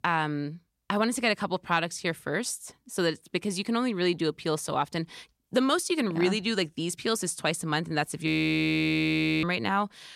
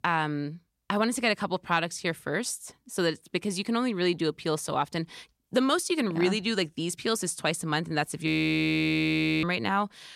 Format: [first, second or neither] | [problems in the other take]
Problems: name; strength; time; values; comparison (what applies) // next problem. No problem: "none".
neither | audio freezing; at 8.5 s for 1 s; the same in both